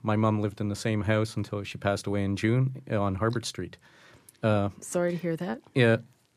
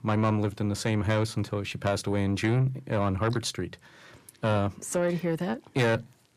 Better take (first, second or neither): first